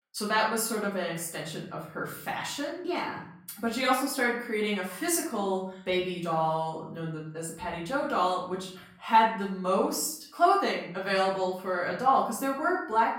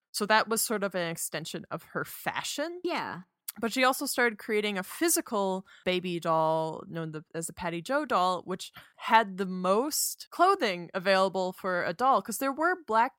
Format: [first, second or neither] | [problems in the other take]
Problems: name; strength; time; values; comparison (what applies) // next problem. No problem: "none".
second | room echo; noticeable; dies away in 0.6 s // off-mic speech; far